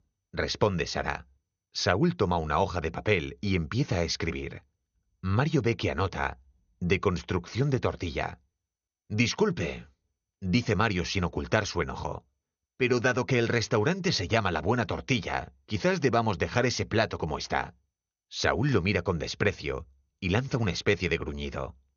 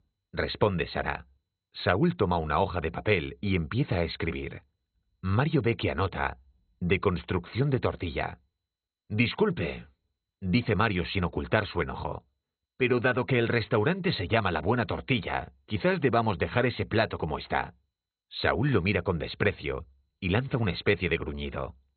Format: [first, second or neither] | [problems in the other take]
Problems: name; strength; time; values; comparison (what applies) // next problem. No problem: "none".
first | garbled, watery; badly; nothing above 4 kHz; slightly in the first